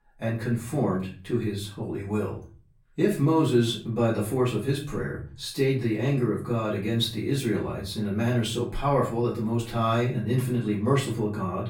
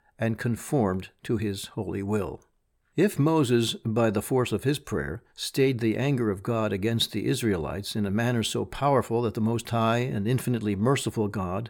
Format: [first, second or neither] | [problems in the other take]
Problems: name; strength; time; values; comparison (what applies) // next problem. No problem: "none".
second | off-mic speech; far // room echo; slight; dies away in 0.4 s